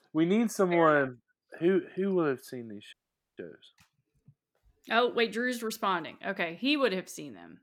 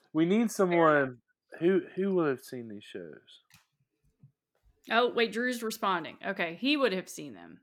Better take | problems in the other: second | audio freezing; at 3 s

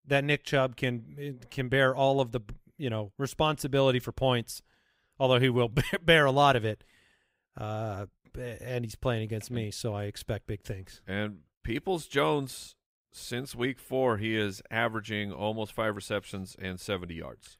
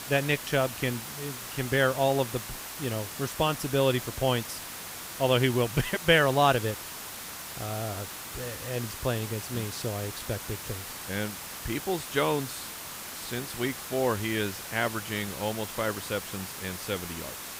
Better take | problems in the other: first | hiss; loud; throughout; 8 dB below the speech

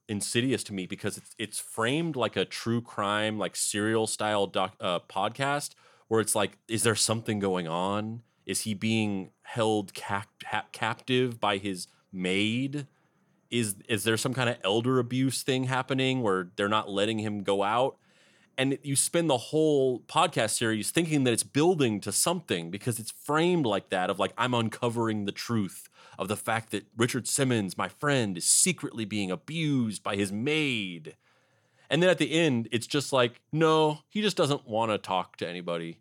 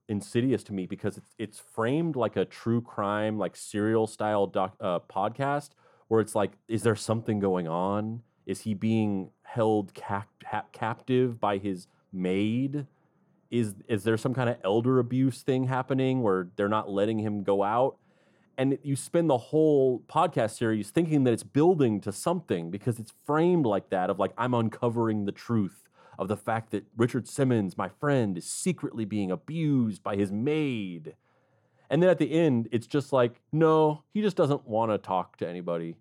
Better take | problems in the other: first | muffled; slightly; fading above 1.5 kHz

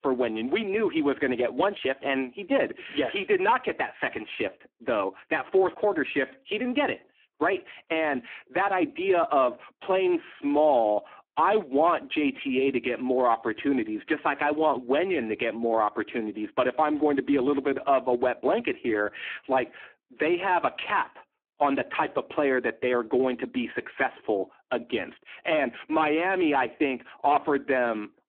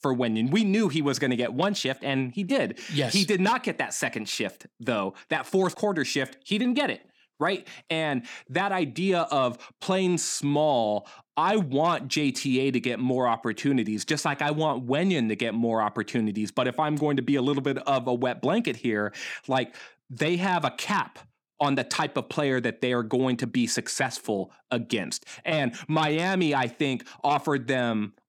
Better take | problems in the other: second | phone-call audio; poor line

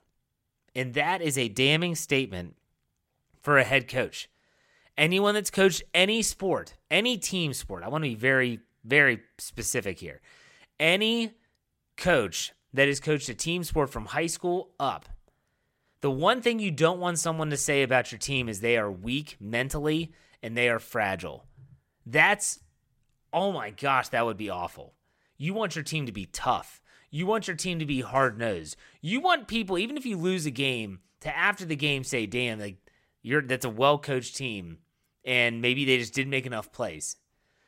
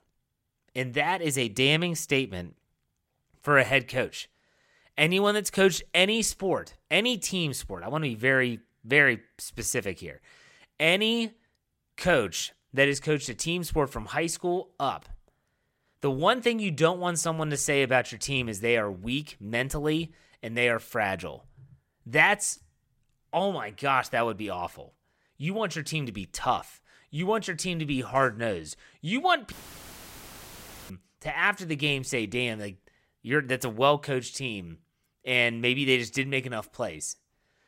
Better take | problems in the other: first | audio cutting out; filled with static; at 30 s for 1.5 s

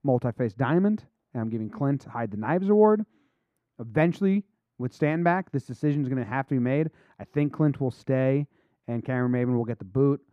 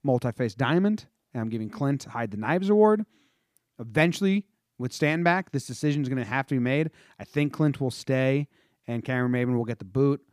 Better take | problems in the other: second | muffled; slightly; fading above 2.5 kHz

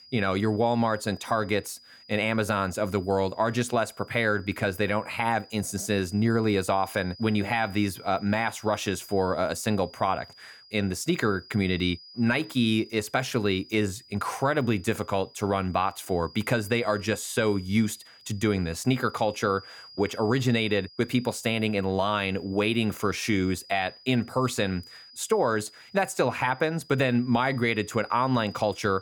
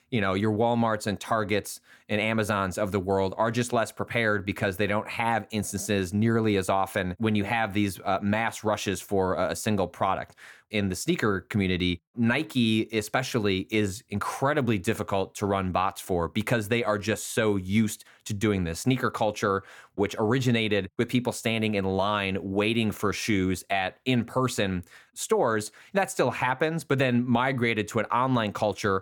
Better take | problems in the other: second | high-pitched whine; faint; throughout; 5 kHz, 20 dB below the speech

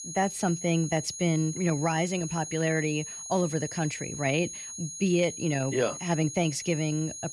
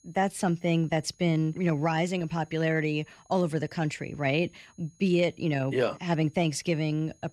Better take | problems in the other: second | high-pitched whine; loud; throughout; 6.5 kHz, 8 dB below the speech; faint in the second

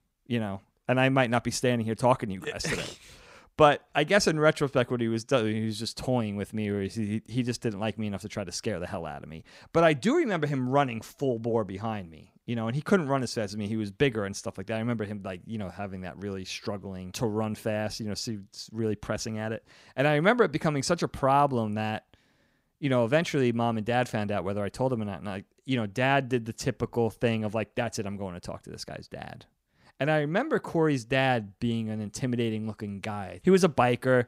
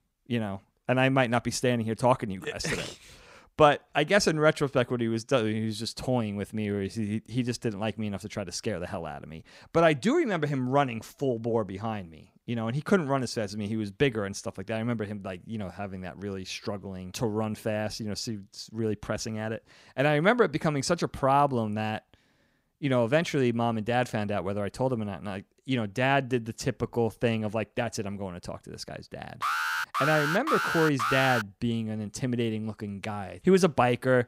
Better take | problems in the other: first | alarm; loud; from 29 to 31 s; peak 1 dB above the speech

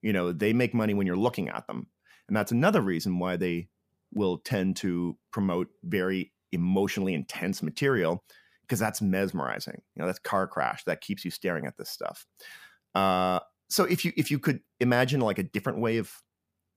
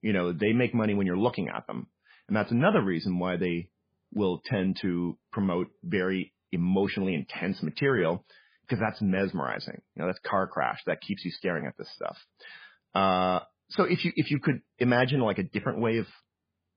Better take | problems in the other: first | garbled, watery; badly; nothing above 5 kHz

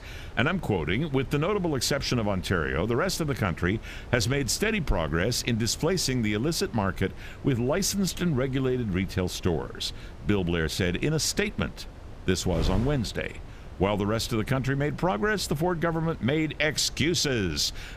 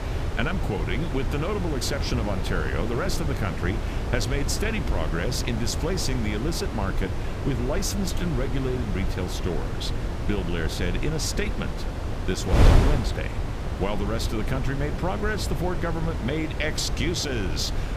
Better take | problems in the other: first | wind noise on the microphone; heavy; 4 dB below the speech; occasional gusts in the first

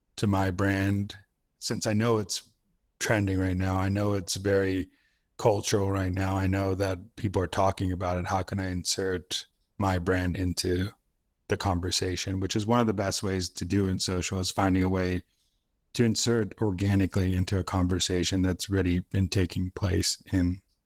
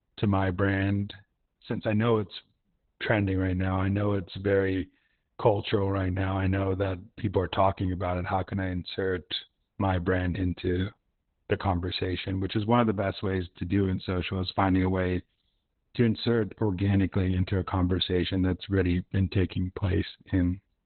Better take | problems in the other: first | garbled, watery; badly; nothing above 4 kHz; slightly in the first

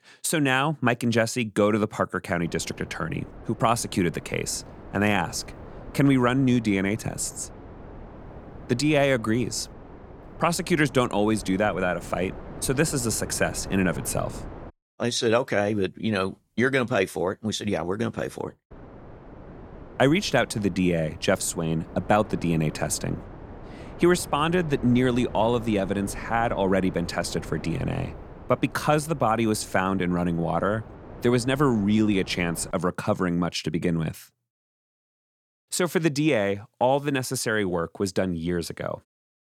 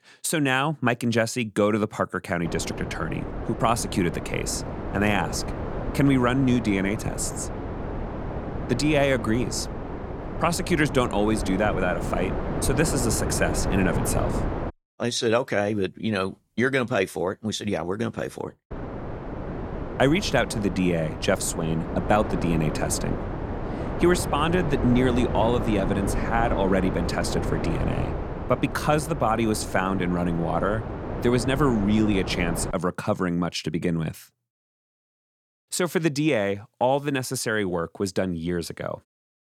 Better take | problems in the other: first | wind noise on the microphone; heavy; from 2.5 to 15 s and from 19 to 33 s; 8 dB below the speech; occasional gusts in the first

